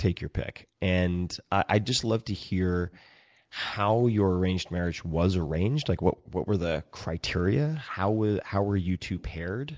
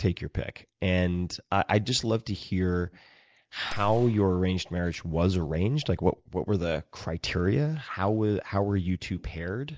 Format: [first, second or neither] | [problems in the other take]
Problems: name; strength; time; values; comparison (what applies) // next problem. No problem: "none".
first | noise reduction (neural mask model DeepFilterNet 3)